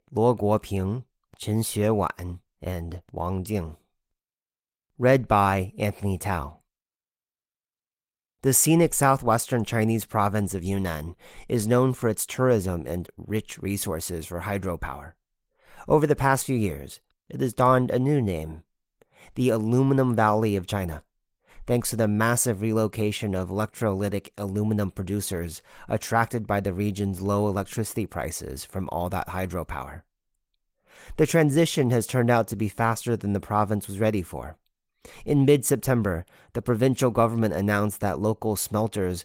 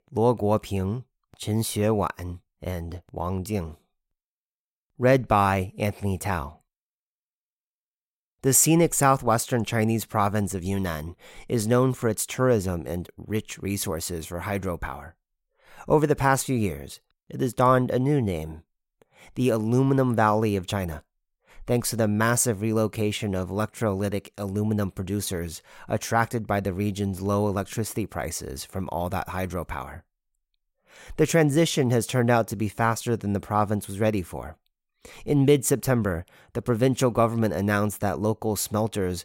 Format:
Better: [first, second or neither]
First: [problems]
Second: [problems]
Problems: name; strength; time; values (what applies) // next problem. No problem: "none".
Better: second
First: garbled, watery; slightly; nothing above 16 kHz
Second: none